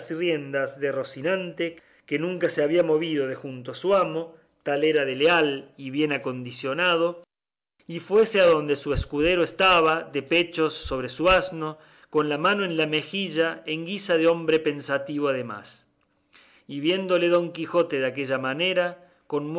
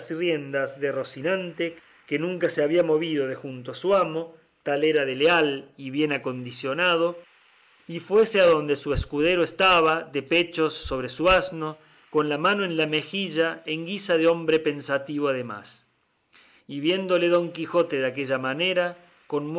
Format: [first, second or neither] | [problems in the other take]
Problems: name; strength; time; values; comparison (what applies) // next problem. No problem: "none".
first | noise reduction (neural mask model Resemble Enhance denoiser)